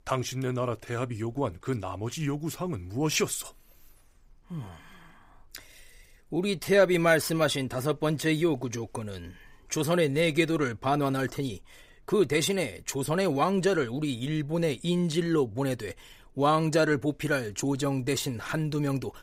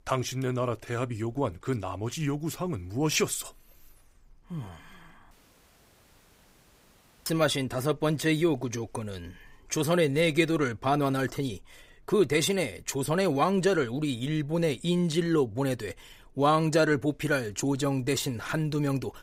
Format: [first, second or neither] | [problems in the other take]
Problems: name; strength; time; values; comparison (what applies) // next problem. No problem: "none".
first | audio cutting out; at 5.5 s for 2 s